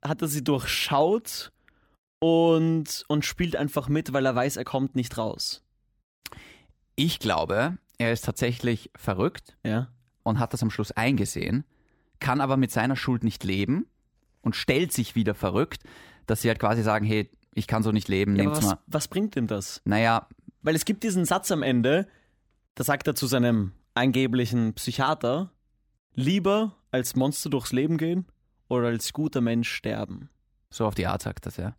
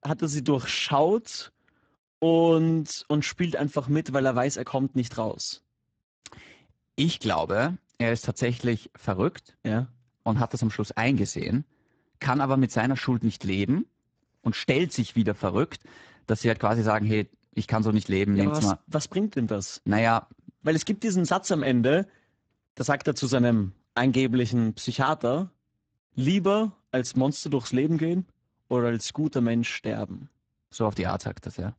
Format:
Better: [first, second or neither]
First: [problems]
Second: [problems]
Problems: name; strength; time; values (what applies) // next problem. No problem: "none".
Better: first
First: none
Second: garbled, watery; badly; nothing above 7.5 kHz